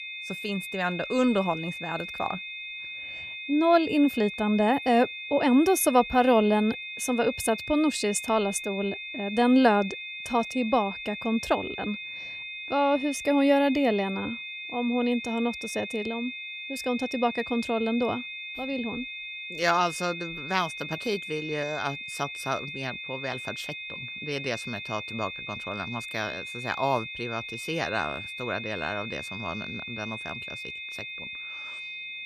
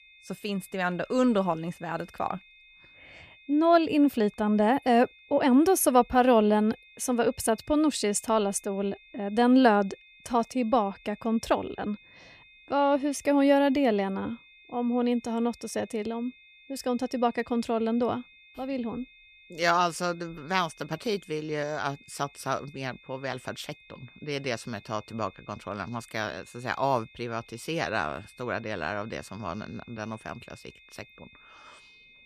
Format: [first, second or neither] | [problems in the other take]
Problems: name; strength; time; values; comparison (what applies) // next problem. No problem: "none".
second | high-pitched whine; loud; throughout; 2.5 kHz, 8 dB below the speech; faint in the second